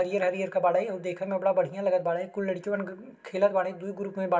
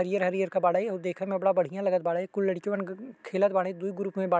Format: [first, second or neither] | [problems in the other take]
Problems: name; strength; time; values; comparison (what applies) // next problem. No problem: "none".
second | room echo; dies away in 0.6 s